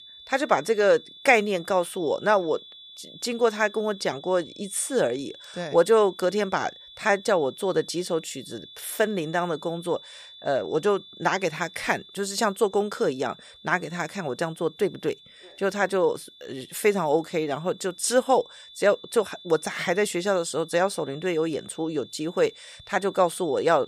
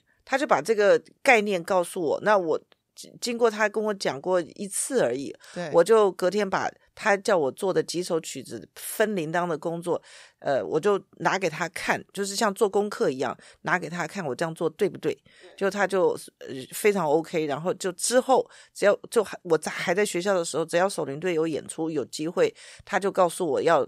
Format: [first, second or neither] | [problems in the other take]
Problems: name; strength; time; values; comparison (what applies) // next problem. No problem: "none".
second | high-pitched whine; noticeable; throughout; 3.5 kHz, 20 dB below the speech